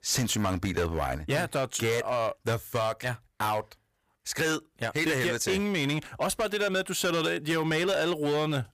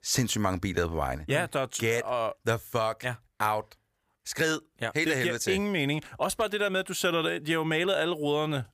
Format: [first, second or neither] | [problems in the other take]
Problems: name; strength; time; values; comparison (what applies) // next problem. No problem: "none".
second | distortion; slight; 12% of the sound clipped